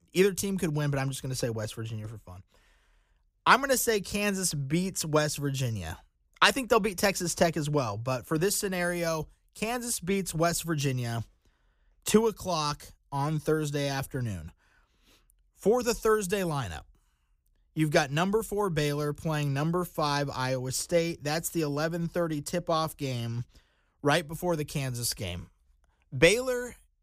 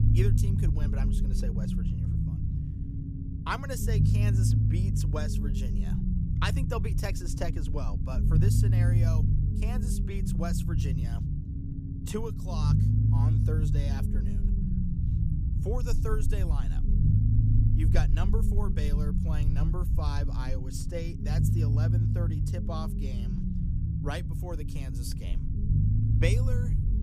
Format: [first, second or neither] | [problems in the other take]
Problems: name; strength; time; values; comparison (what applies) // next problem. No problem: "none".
first | low rumble; loud; throughout; 1 dB below the speech